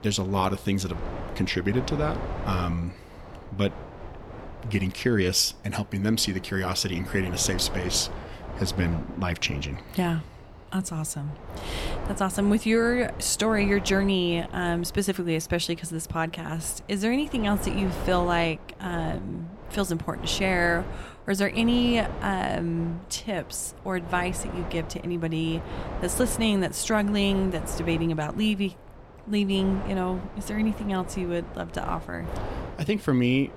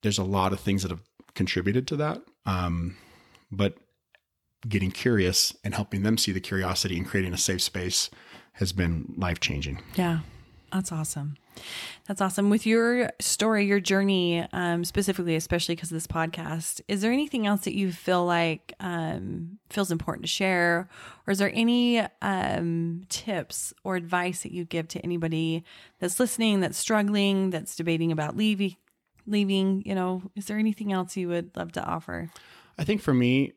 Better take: second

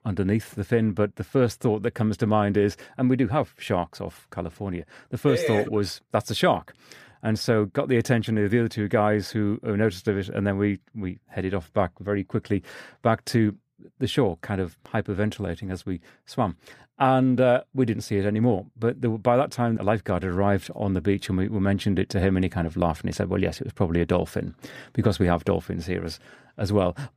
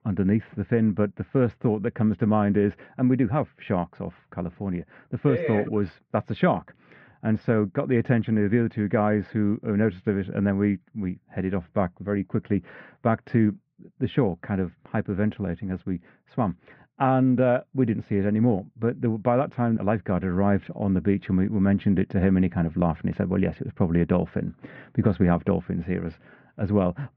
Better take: first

